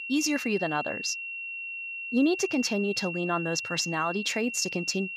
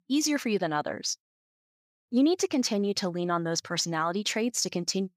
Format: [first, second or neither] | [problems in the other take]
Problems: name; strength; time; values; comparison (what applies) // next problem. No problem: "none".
second | high-pitched whine; loud; throughout; 2.5 kHz, 5 dB below the speech